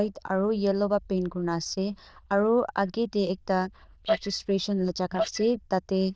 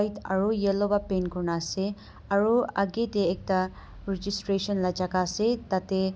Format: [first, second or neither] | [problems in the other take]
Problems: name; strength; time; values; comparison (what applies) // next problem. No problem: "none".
second | noise reduction (neural diffusion model UNIVERSE++)